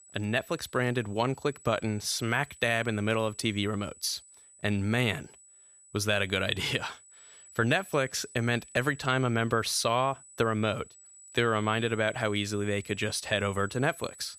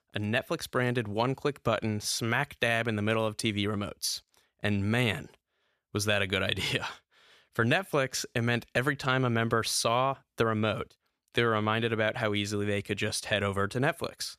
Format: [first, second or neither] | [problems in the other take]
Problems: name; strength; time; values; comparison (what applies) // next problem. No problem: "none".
second | high-pitched whine; faint; throughout; 8 kHz, 20 dB below the speech